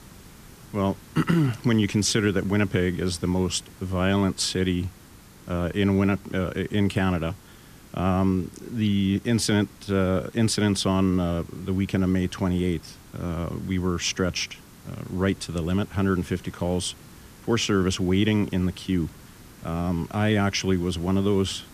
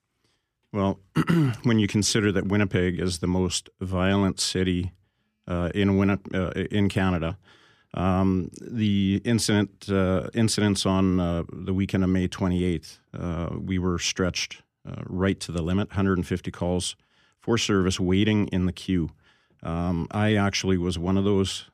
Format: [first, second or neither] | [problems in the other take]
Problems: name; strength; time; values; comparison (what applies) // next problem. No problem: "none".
second | hiss; faint; throughout; 25 dB below the speech